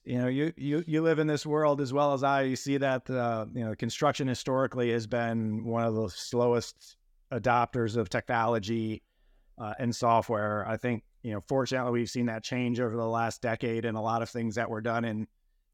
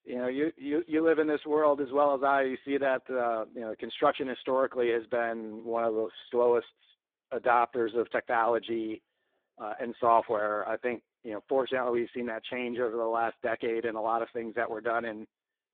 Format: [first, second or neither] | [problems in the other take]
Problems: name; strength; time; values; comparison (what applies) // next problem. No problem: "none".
first | phone-call audio; poor line; nothing above 3.5 kHz